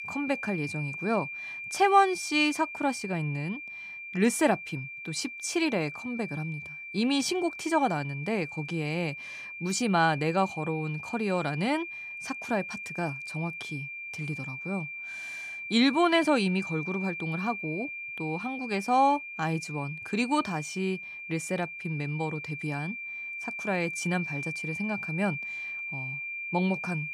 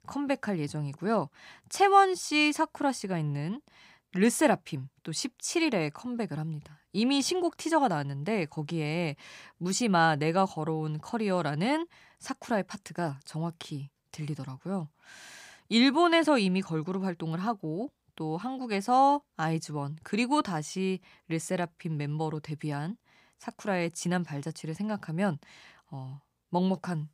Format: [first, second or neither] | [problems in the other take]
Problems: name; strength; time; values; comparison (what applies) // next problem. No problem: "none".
second | high-pitched whine; loud; throughout; 2.5 kHz, 7 dB below the speech